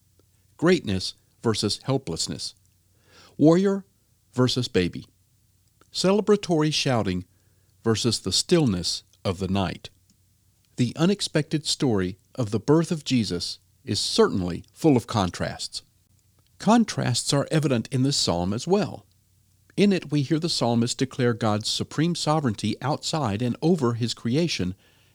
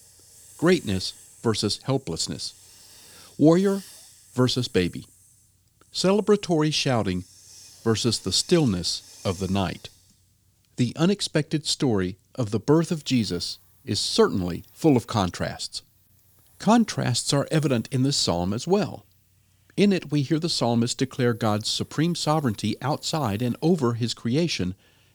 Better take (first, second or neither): first